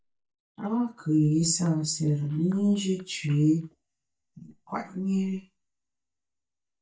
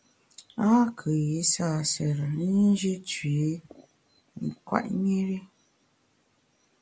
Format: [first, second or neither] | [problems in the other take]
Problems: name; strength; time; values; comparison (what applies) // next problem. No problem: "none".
second | noise reduction (neural mask model DeepFilterNet 3)